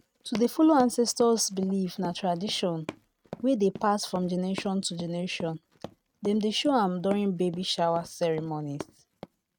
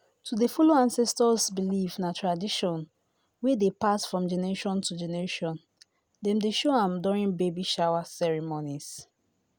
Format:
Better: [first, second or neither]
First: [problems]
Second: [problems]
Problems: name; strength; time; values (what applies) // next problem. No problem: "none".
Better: second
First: noise reduction (neural mask model RNNoise)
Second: none